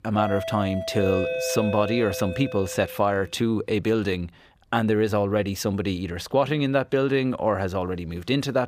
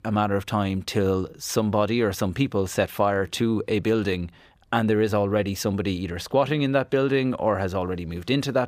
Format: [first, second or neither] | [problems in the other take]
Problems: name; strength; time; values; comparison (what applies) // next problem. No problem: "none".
second | doorbell; noticeable; until 3 s; peak 2 dB below the speech